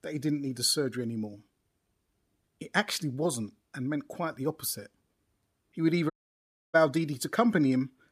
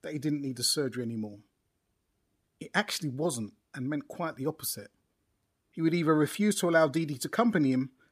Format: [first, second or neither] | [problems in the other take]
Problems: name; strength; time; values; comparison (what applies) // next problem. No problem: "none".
second | audio cutting out; at 6 s for 0.5 s